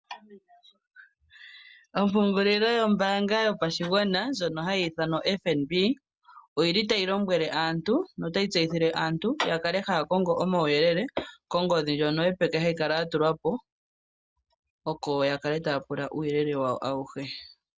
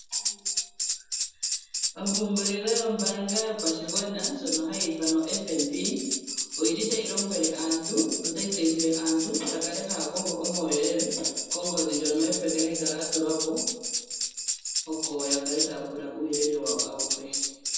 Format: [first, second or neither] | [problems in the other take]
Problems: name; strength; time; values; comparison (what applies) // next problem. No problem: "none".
first | background sound (Tambourine); 1 dB below the speech // room echo; dies away in 1.1 s